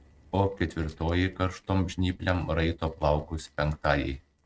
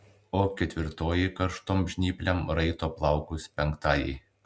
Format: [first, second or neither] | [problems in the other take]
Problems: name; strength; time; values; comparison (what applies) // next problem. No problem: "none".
second | noise reduction (neural mask model RNNoise)